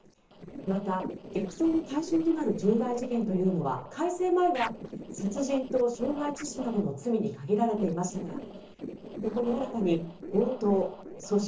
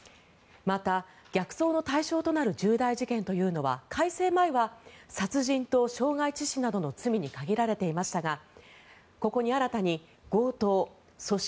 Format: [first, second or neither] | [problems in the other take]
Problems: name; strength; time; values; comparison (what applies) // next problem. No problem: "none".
second | noise reduction (neural separator model SepFormer DNS4)